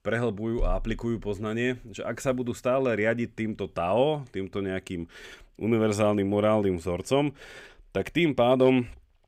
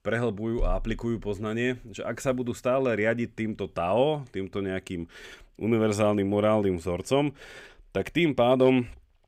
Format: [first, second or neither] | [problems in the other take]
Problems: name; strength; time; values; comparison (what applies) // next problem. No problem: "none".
neither | none